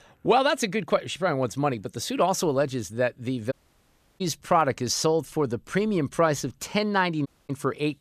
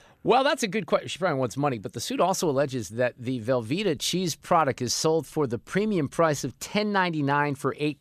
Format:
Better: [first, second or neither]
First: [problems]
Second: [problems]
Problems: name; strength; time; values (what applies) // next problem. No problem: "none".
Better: second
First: audio cutting out; at 3.5 s for 0.5 s and at 7.5 s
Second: none